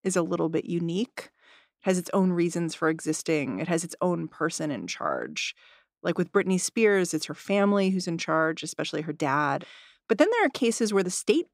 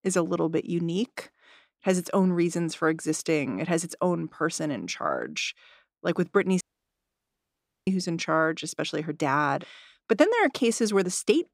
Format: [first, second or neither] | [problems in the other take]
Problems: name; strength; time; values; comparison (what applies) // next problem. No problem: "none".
first | audio cutting out; at 6.5 s for 1.5 s